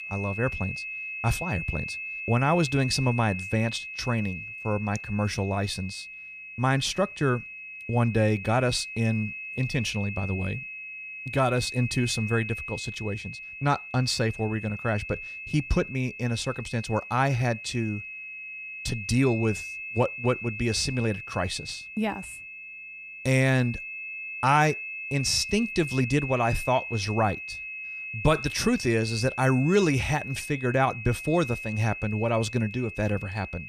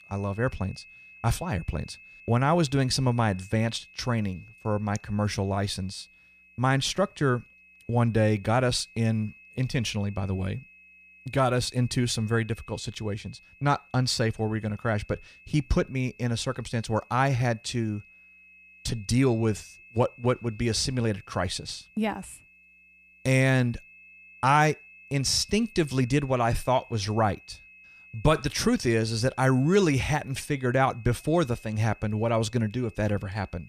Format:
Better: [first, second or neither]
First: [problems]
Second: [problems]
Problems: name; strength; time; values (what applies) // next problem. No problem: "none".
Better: second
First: high-pitched whine; loud; throughout; 2.5 kHz, 8 dB below the speech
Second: high-pitched whine; faint; throughout; 2.5 kHz, 25 dB below the speech